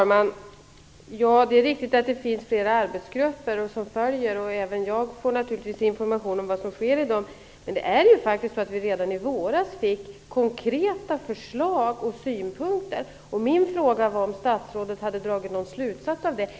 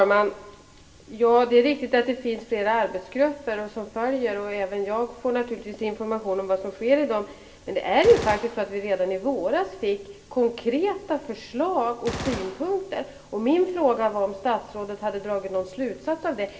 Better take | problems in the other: first | background sound (Gunshot, gunfire); 14 dB below the speech // room echo; dies away in 0.3 s

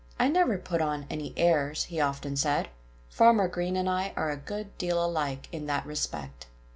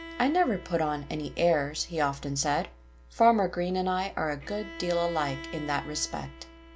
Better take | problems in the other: first | background sound (Bowed string instrument); 18 dB below the speech

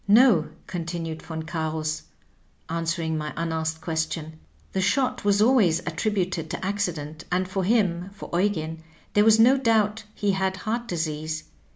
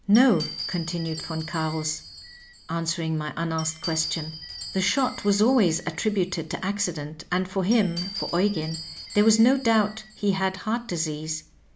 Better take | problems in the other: first | background sound (Glass); 14 dB below the speech

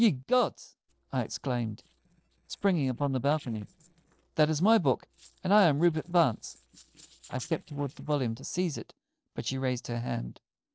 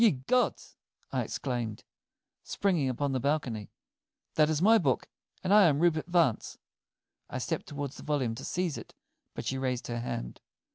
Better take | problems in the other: second | noise reduction (neural separator model SepFormer DNS4)

